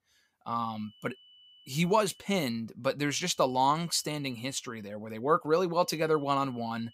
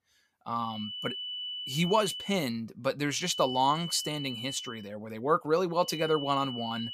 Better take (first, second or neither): first